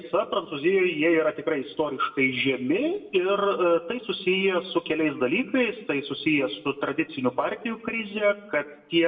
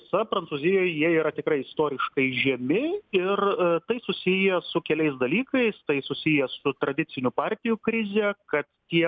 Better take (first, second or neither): second